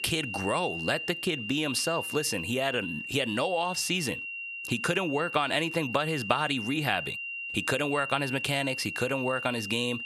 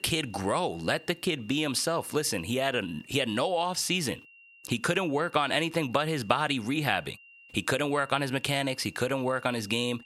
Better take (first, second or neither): second